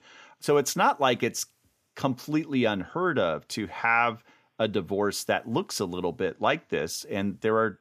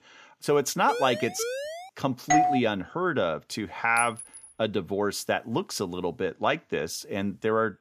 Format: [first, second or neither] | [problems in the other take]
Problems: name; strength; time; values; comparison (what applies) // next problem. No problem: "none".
first | siren; noticeable; from 1 to 2 s; peak 5 dB below the speech // doorbell; loud; at 2.5 s; peak 5 dB above the speech // clattering dishes; noticeable; at 4 s; peak 6 dB below the speech